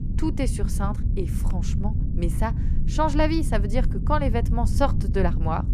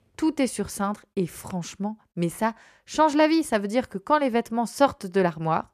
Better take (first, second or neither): second